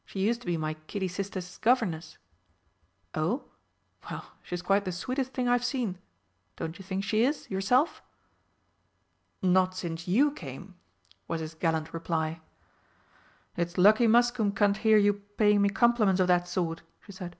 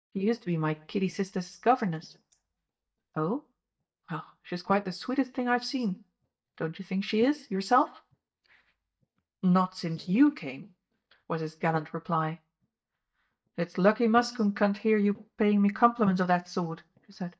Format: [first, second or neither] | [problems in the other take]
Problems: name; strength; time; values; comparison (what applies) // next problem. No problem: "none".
first | noise reduction (neural mask model DeepFilterNet 3)